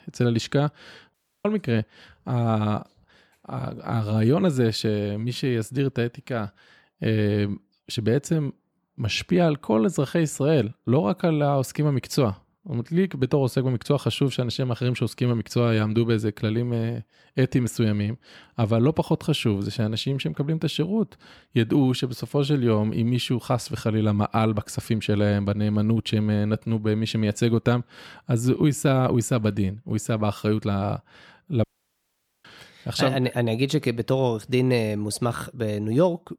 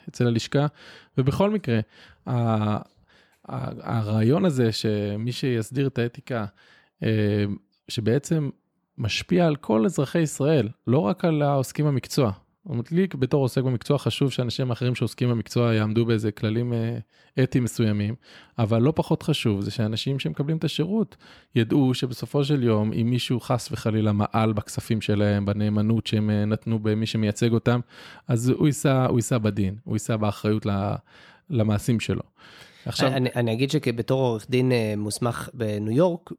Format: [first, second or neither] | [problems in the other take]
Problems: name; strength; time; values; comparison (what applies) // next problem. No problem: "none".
second | audio cutting out; at 1 s and at 32 s for 1 s